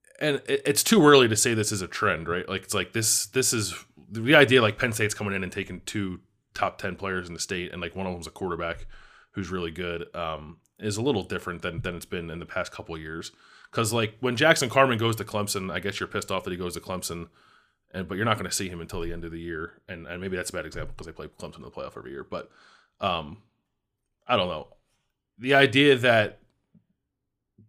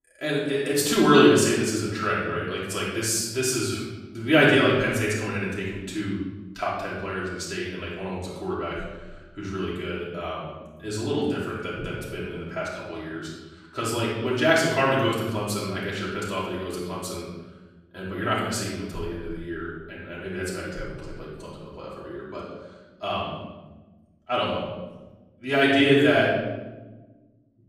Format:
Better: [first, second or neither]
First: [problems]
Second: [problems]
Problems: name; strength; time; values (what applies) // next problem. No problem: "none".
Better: first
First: none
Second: off-mic speech; far // room echo; noticeable; dies away in 1.1 s